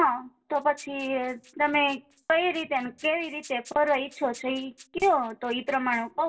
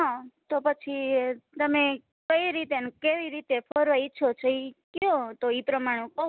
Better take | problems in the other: second | noise reduction (neural separator model SepFormer DNS4)

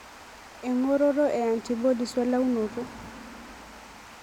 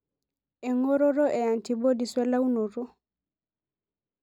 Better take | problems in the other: second | background sound (Water); 17 dB below the speech

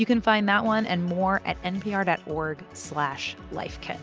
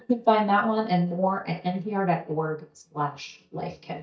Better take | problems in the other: first | noise reduction (neural mask model DeepFilterNet 3)

